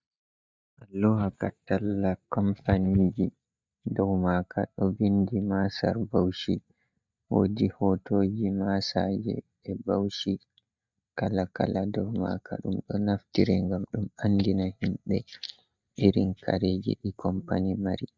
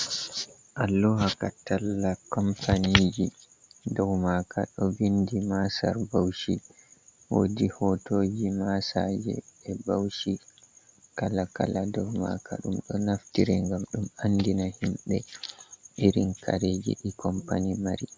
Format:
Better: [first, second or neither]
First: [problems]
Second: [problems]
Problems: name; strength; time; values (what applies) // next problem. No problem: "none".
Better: second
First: noise reduction (neural mask model DeepFilterNet 3)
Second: none